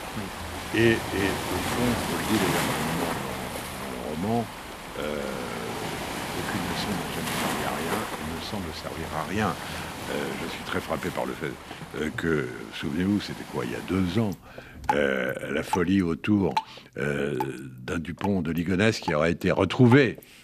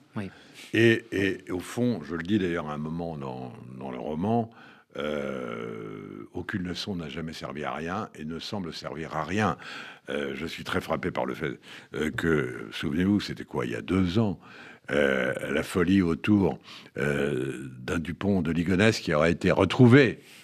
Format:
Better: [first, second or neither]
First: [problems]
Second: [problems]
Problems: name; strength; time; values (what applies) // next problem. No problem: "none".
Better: second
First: rain or running water; loud; throughout; 5 dB below the speech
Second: none